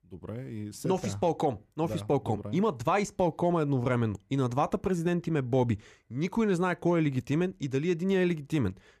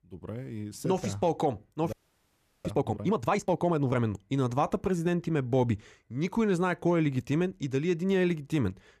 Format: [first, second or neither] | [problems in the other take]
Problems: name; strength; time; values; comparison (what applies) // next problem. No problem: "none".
first | audio freezing; at 2 s for 0.5 s